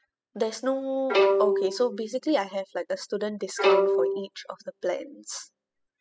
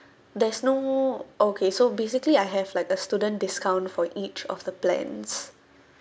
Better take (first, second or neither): second